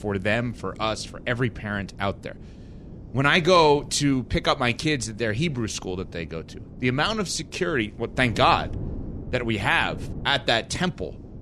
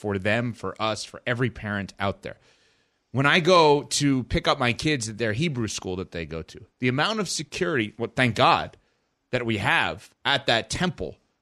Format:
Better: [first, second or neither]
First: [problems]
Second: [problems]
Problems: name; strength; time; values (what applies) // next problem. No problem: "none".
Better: second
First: wind noise on the microphone; occasional gusts; 25 dB below the speech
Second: none